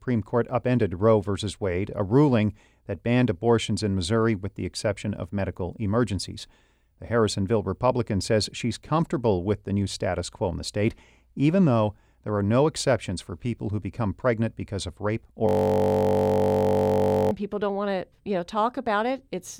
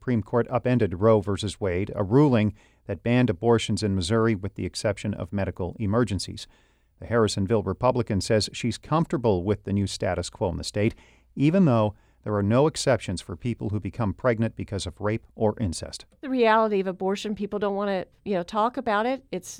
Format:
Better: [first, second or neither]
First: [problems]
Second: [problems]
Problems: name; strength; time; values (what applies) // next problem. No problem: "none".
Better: second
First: audio freezing; at 15 s for 2 s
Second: none